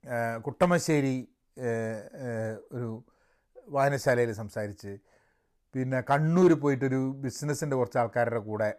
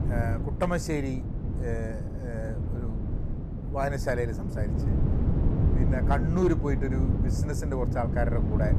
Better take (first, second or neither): first